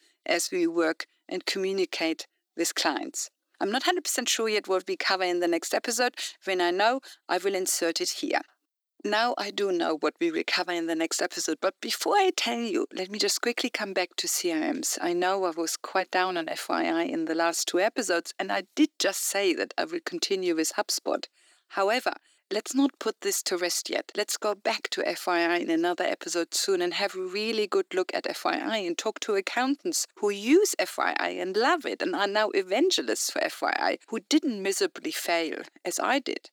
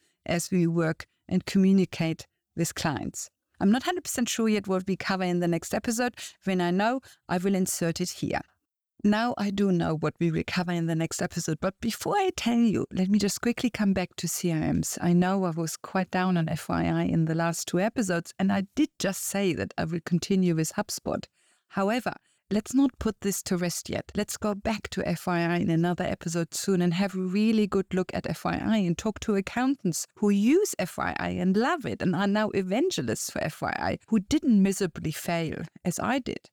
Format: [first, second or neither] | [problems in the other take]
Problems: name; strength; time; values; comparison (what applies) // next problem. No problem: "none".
second | thin; somewhat; fading below 300 Hz